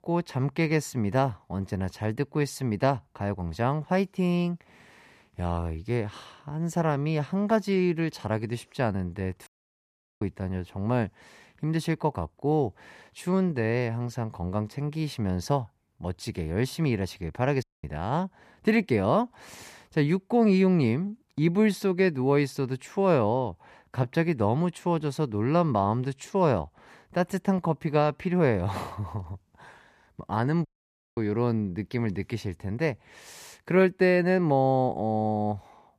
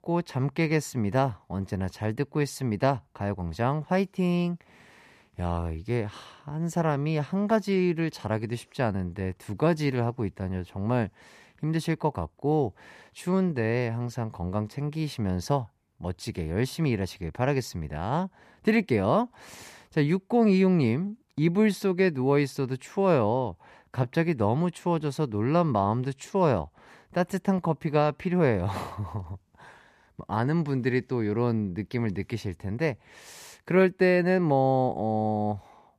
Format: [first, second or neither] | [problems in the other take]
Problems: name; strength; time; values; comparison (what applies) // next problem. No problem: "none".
second | audio cutting out; at 9.5 s for 0.5 s, at 18 s and at 31 s for 0.5 s